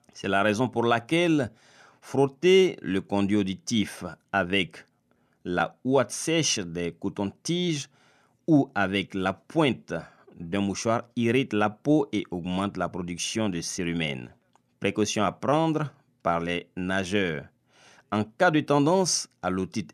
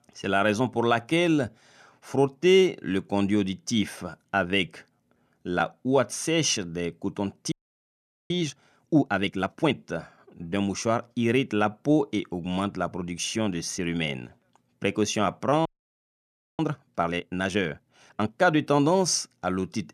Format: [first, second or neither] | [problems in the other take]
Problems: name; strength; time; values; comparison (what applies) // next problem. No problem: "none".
first | audio freezing; at 7.5 s for 1 s and at 16 s for 1 s